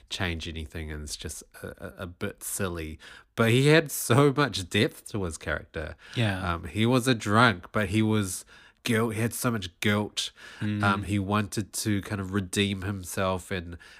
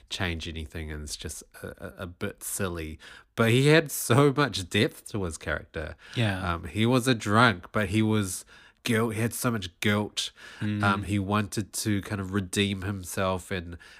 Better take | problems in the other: neither | none

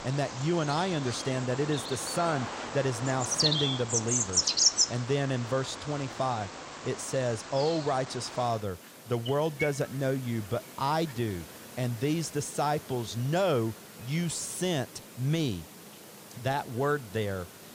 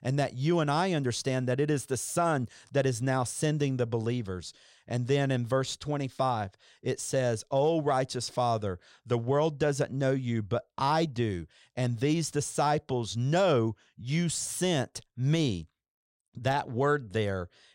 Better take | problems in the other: second | animal sounds; loud; throughout; as loud as the speech

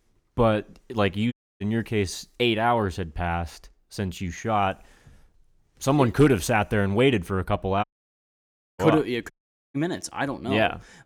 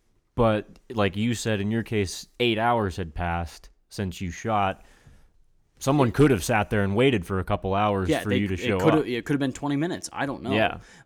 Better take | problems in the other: second | audio cutting out; at 1.5 s, at 8 s for 1 s and at 9.5 s

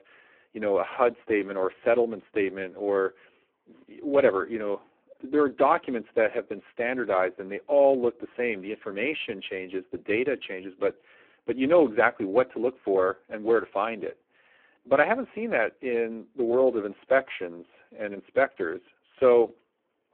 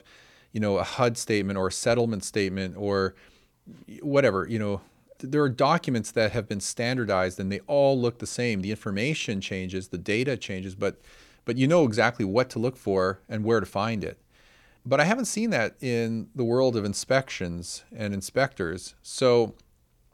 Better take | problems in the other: second | phone-call audio; poor line

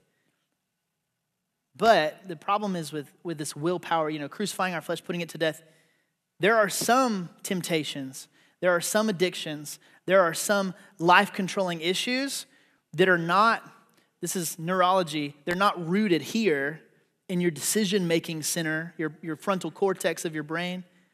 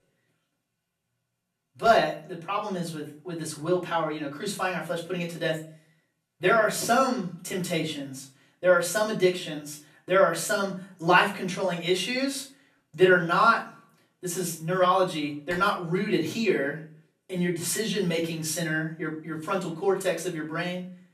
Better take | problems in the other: first | off-mic speech; far // room echo; slight; dies away in 0.3 s

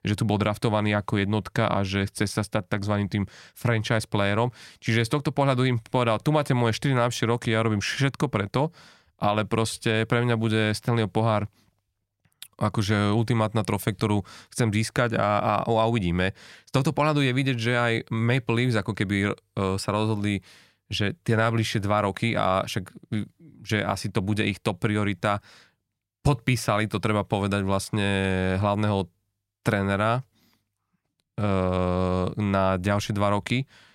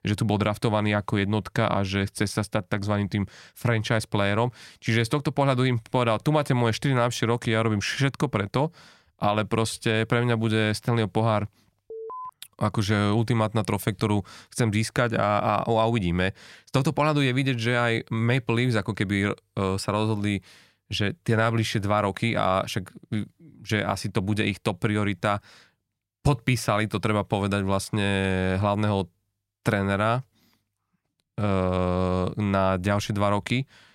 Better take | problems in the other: first | alarm; faint; at 12 s; peak 10 dB below the speech

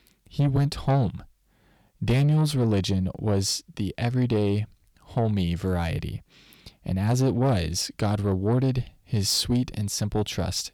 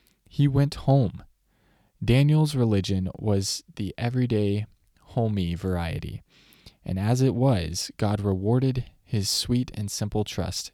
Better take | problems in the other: second | distortion; slight; 10 dB below the speech

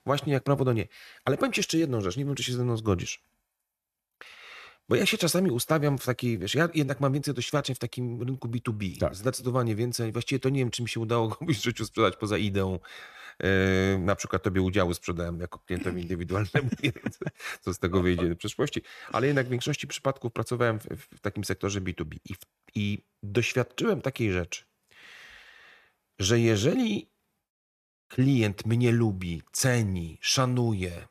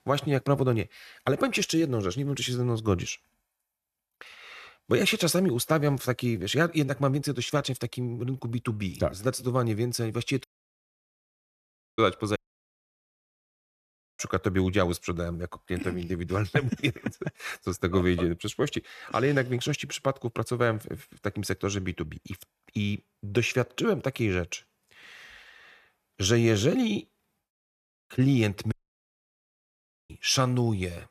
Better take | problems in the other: first | audio cutting out; at 10 s for 1.5 s, at 12 s for 2 s and at 29 s for 1.5 s

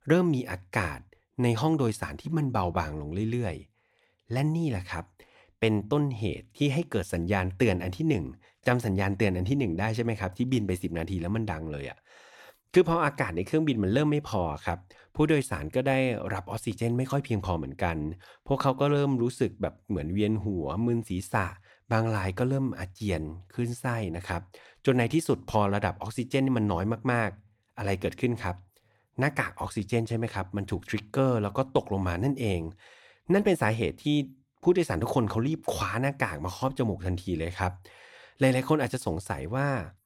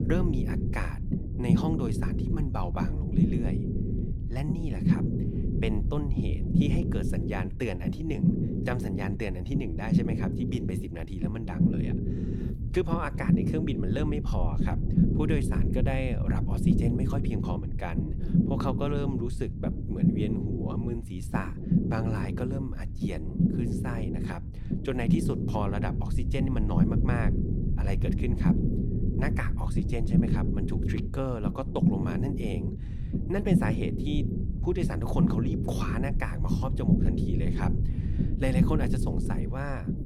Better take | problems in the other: first | low rumble; loud; throughout; as loud as the speech

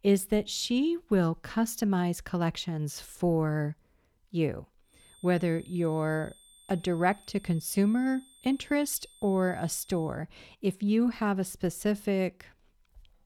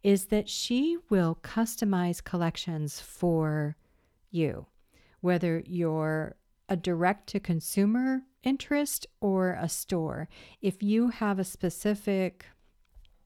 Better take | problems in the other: second | high-pitched whine; faint; from 5 to 10 s; 3.5 kHz, 25 dB below the speech

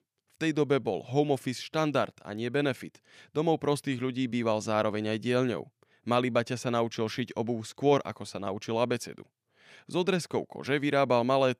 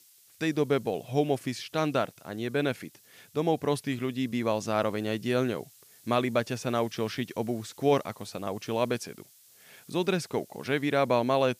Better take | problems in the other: first | hiss; faint; throughout; 25 dB below the speech

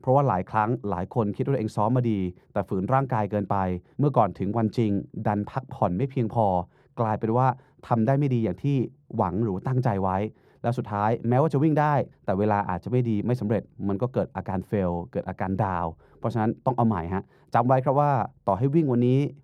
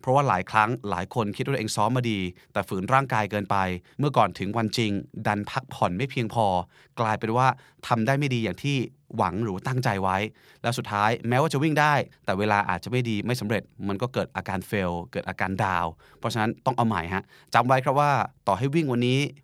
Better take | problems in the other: second | muffled; very; fading above 1.5 kHz

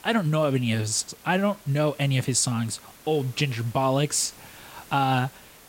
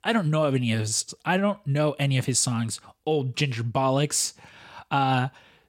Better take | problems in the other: second | hiss; faint; throughout; 20 dB below the speech

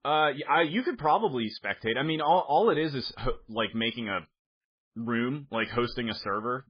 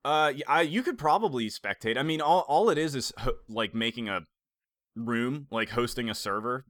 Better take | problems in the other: second | garbled, watery; badly; nothing above 4.5 kHz

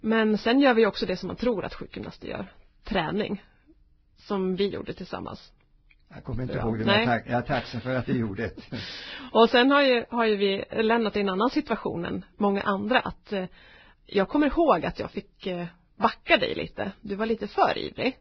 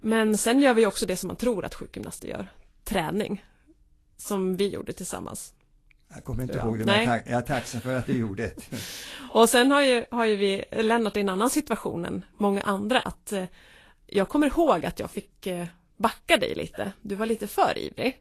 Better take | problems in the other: second | garbled, watery; badly; nothing above 5.5 kHz; slightly in the second

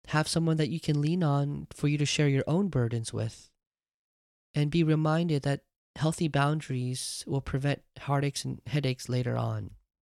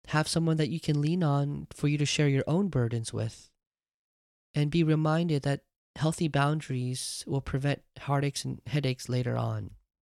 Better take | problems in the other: neither | none

